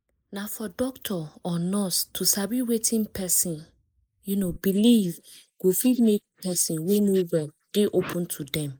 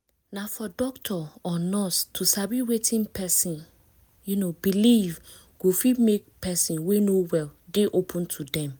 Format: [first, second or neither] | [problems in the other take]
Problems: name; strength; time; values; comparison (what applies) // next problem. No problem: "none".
second | noise reduction (neural mask model Resemble Enhance denoiser)